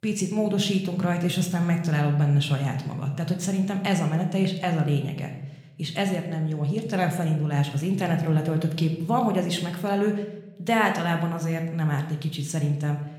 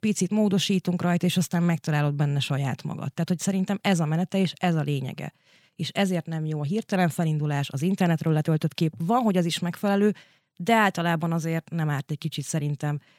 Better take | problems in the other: second | room echo; slight; dies away in 0.8 s

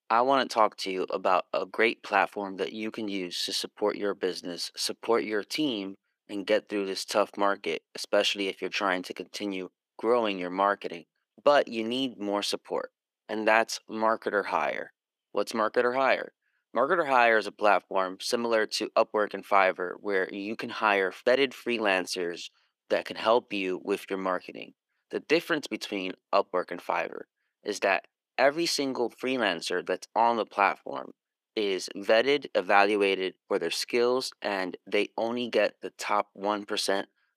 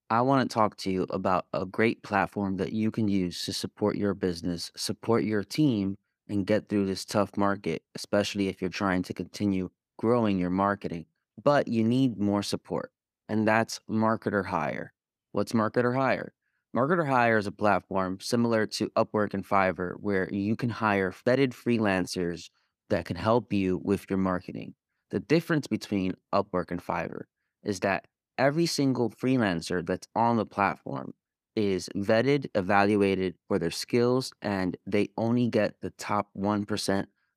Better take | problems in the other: second | thin; somewhat; fading below 450 Hz

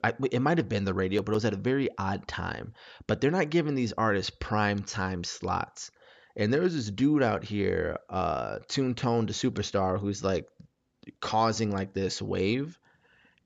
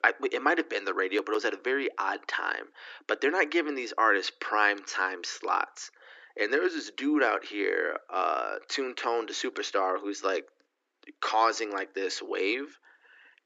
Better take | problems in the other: first | thin; somewhat; fading below 300 Hz

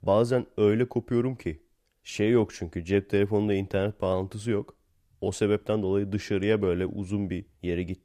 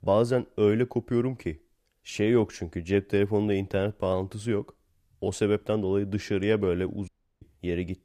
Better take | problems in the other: first | audio cutting out; at 7 s

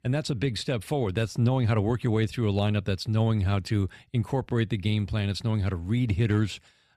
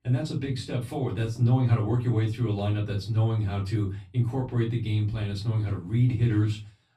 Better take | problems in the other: first | off-mic speech; far // room echo; very slight; dies away in 0.2 s

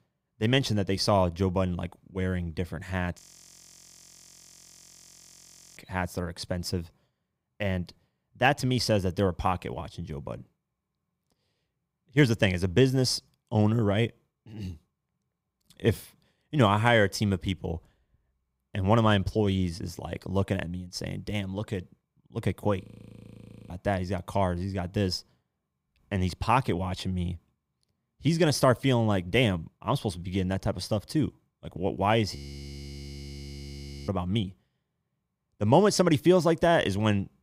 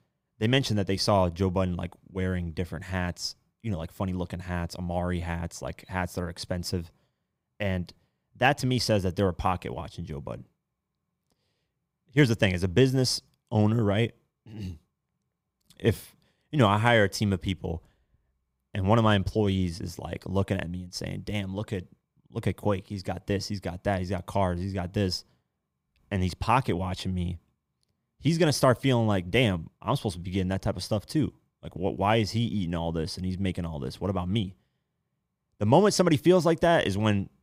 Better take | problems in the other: second | audio freezing; at 3 s for 2.5 s, at 23 s for 1 s and at 32 s for 1.5 s

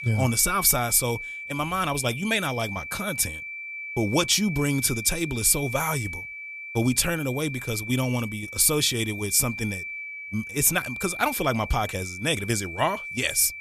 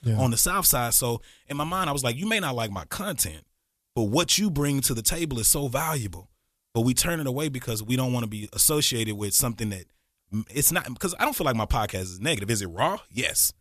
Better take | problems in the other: second | high-pitched whine; loud; throughout; 2.5 kHz, 10 dB below the speech

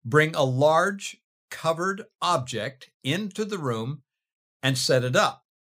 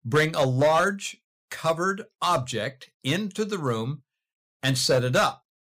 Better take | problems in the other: first | distortion; slight; 3% of the sound clipped

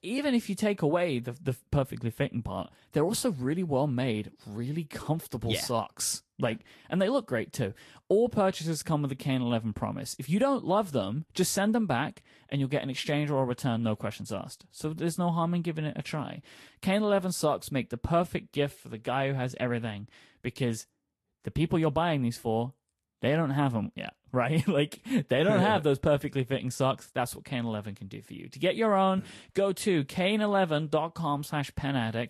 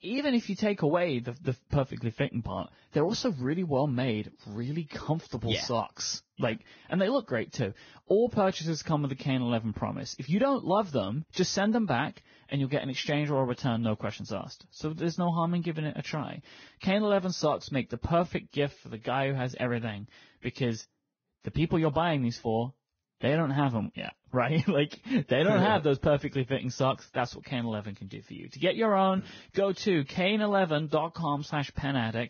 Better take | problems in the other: first | garbled, watery; badly; nothing above 6.5 kHz; slightly in the first

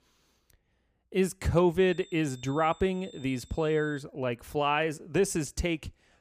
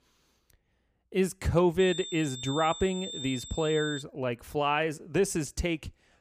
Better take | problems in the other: first | high-pitched whine; loud; from 2 to 4 s; 3.5 kHz, 9 dB below the speech; faint in the first

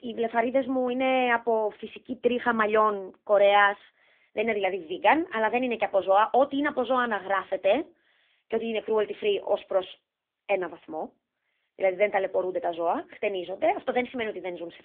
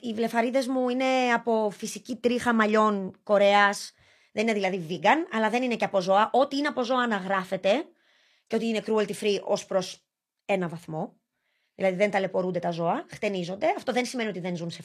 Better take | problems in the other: second | phone-call audio; nothing above 3.5 kHz

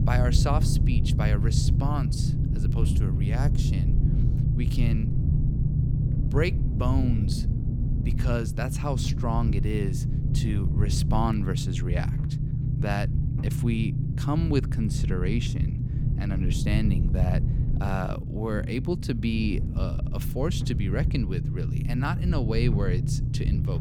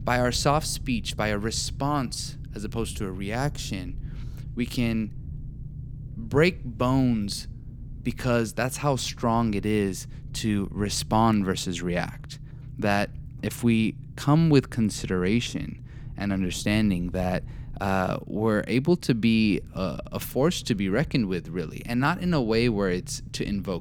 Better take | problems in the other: second | low rumble; loud; throughout; 4 dB below the speech; faint in the second

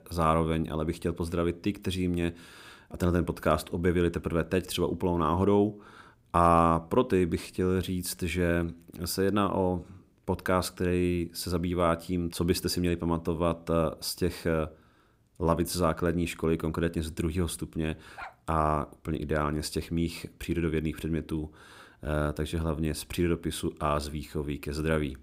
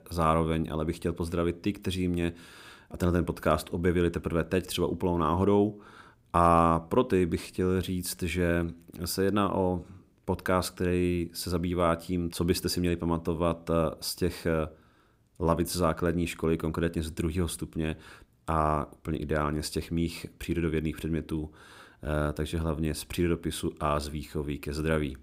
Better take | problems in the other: second | dog barking; faint; at 18 s; peak 15 dB below the speech

